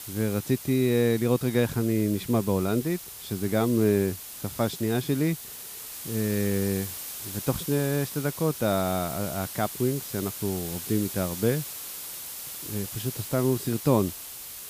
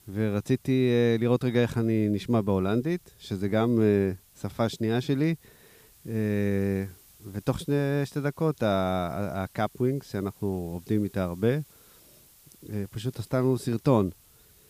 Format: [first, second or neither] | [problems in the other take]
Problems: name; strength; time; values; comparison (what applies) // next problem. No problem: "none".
second | hiss; loud; throughout; 9 dB below the speech; faint in the second